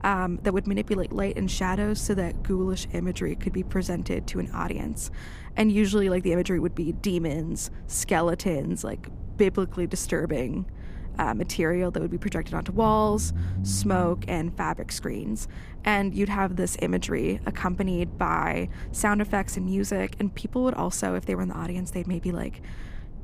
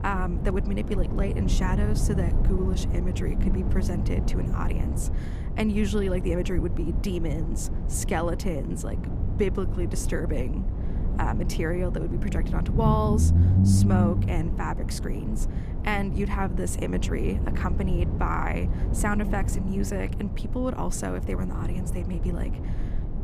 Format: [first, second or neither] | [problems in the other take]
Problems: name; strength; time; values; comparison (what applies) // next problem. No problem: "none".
first | low rumble; loud; throughout; 6 dB below the speech; faint in the first